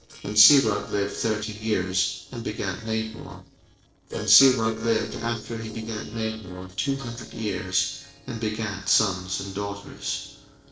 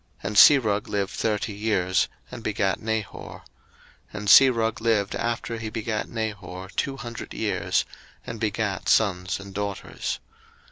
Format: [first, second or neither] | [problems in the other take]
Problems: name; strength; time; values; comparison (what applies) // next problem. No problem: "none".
second | noise reduction (neural separator model SepFormer DNS4)